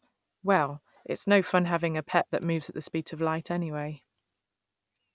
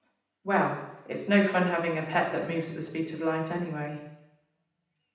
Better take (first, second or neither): first